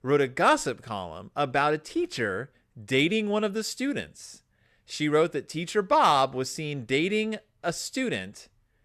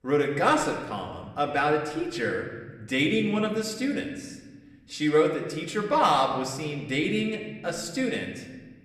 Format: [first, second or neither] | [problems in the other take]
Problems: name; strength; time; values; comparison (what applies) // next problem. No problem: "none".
first | room echo; slight; dies away in 1.2 s // off-mic speech; somewhat distant